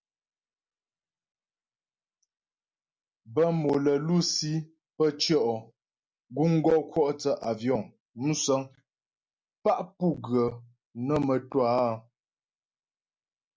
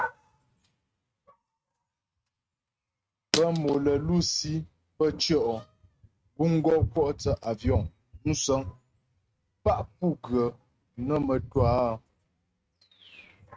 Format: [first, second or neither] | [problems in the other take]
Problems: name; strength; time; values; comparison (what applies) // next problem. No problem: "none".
first | noise reduction (neural mask model RNNoise)